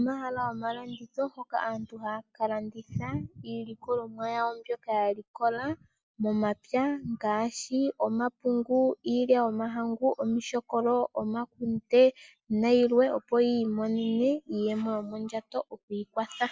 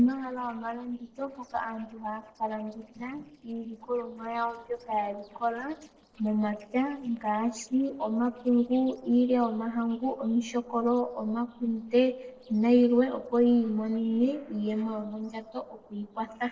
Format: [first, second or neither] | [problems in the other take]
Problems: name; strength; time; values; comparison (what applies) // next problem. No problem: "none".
first | noise reduction (neural separator model SepFormer DNS4)